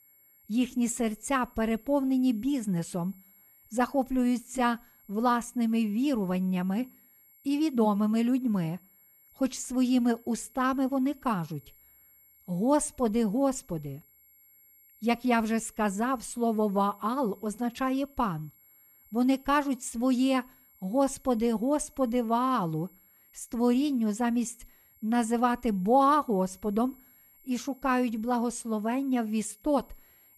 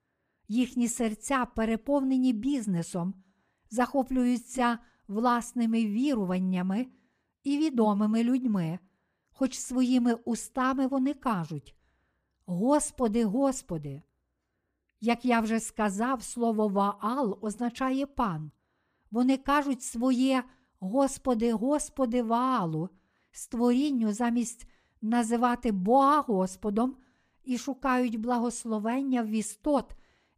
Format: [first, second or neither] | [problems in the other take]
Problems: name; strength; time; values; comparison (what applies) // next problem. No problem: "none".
second | high-pitched whine; faint; throughout; 11.5 kHz, 30 dB below the speech